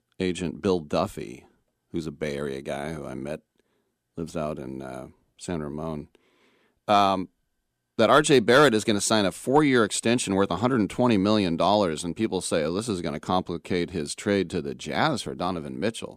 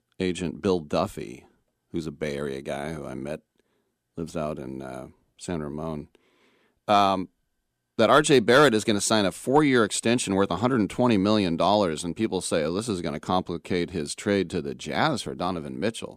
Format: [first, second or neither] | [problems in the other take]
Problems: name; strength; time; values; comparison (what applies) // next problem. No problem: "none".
neither | none